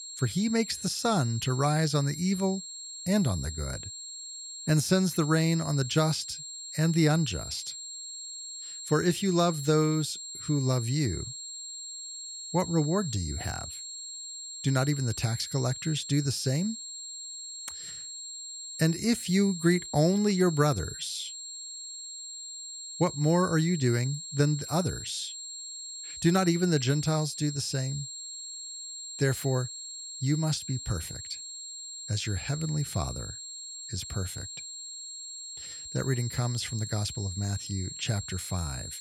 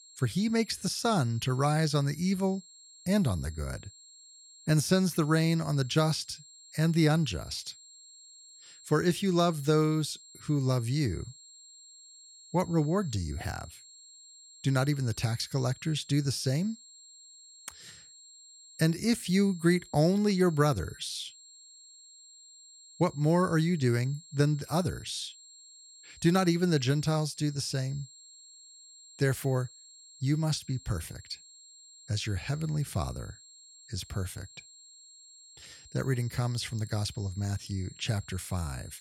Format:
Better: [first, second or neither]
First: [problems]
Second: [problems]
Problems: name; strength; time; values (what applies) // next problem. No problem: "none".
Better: second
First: high-pitched whine; loud; throughout; 7.5 kHz, 9 dB below the speech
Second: high-pitched whine; faint; throughout; 7.5 kHz, 20 dB below the speech